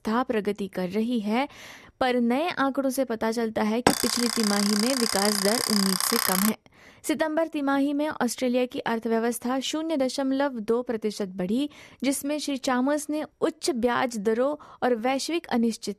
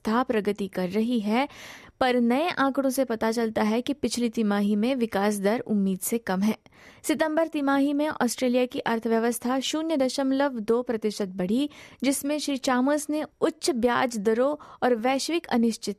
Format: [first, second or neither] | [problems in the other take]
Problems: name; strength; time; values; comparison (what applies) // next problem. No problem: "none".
second | alarm; loud; from 4 to 6.5 s; peak 3 dB above the speech